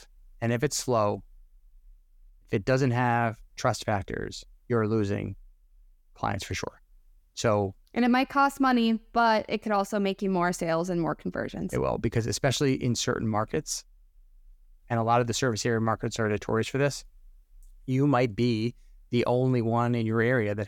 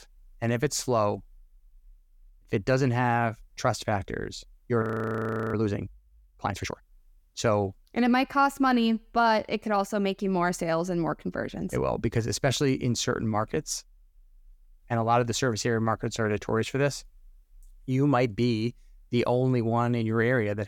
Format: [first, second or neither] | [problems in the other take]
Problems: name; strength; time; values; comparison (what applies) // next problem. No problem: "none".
first | audio freezing; at 5 s for 0.5 s